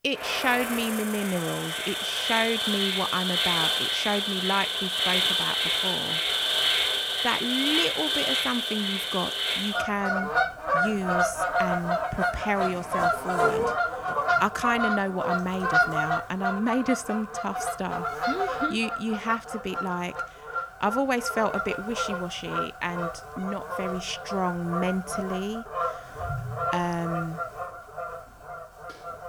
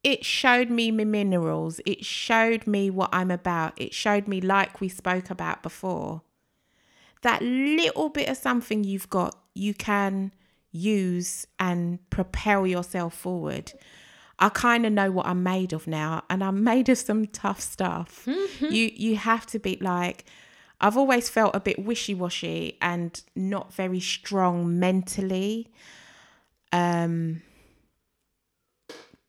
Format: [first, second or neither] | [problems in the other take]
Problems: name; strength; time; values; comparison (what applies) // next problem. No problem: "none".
second | animal sounds; very loud; throughout; 3 dB above the speech